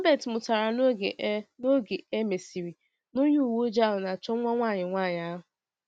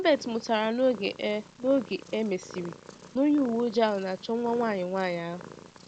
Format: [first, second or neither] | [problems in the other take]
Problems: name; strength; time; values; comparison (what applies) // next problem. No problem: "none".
first | background sound (Purr); 19 dB below the speech